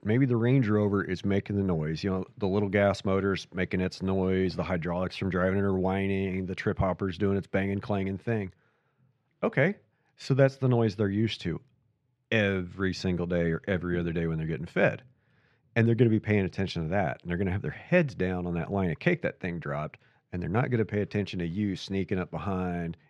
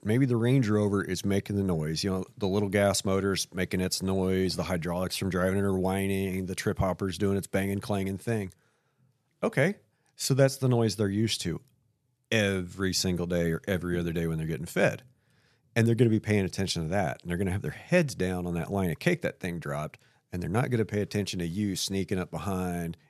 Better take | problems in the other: second | muffled; slightly; fading above 2.5 kHz

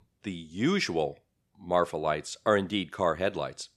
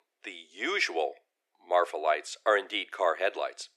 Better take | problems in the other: first | thin; very; fading below 350 Hz

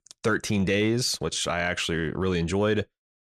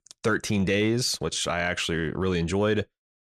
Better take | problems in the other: neither | none

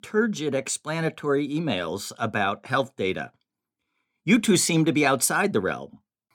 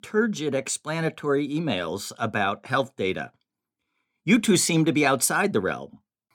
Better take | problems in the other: neither | none

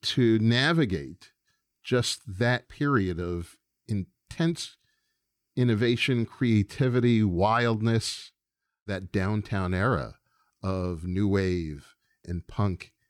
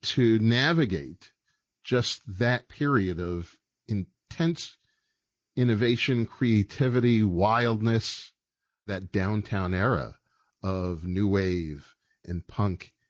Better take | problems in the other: first | garbled, watery; slightly; nothing above 7 kHz

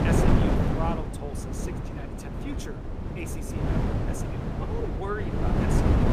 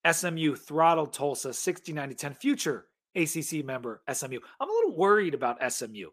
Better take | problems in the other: second | wind noise on the microphone; heavy; 4 dB above the speech

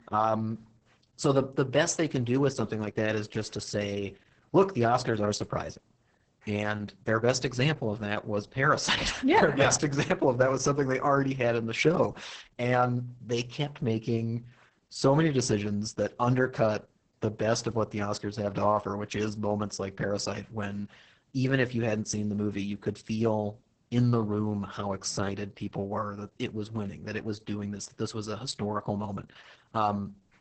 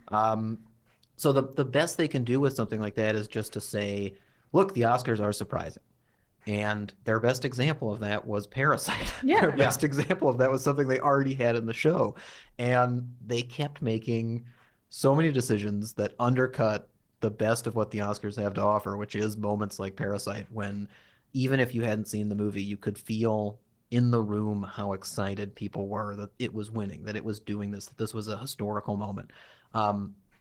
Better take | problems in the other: second | garbled, watery; badly; nothing above 8 kHz; slightly in the second

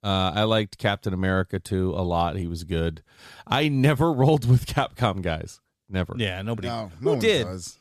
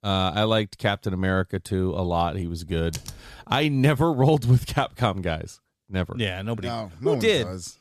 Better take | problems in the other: first | keyboard typing; faint; at 2.5 s; peak 10 dB below the speech

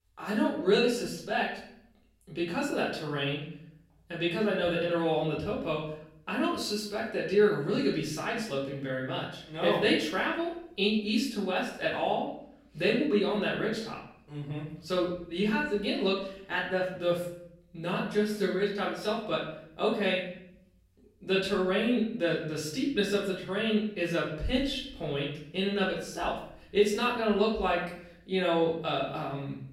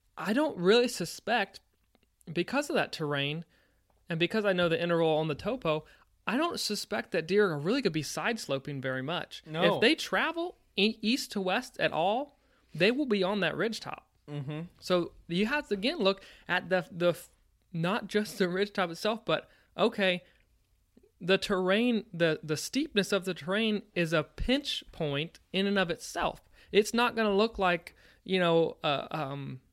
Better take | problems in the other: second | off-mic speech; far // room echo; noticeable; dies away in 0.6 s

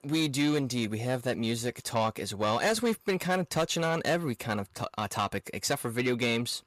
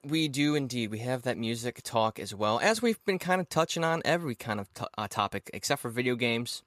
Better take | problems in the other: second | distortion; slight; 10 dB below the speech

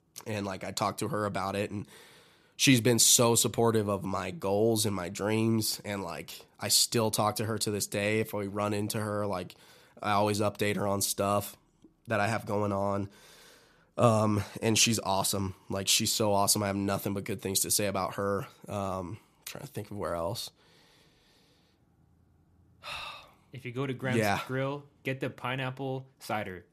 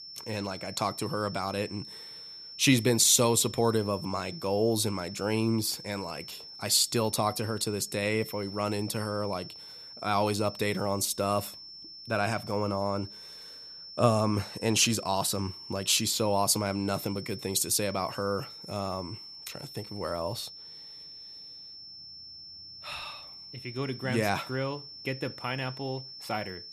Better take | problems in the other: first | high-pitched whine; noticeable; throughout; 5.5 kHz, 15 dB below the speech

